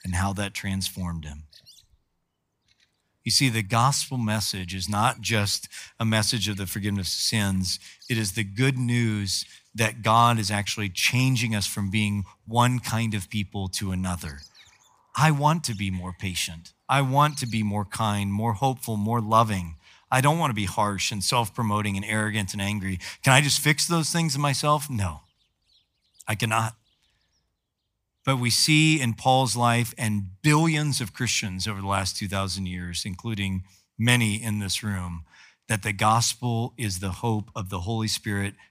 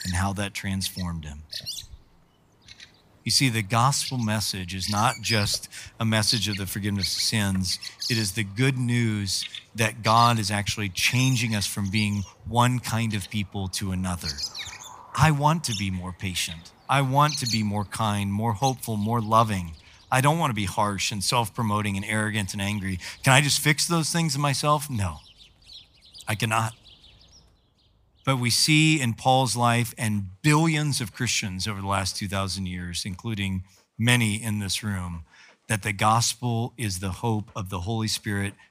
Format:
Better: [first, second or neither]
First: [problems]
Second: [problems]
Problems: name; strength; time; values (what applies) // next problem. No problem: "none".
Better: first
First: animal sounds; faint; throughout; 25 dB below the speech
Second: animal sounds; loud; throughout; 10 dB below the speech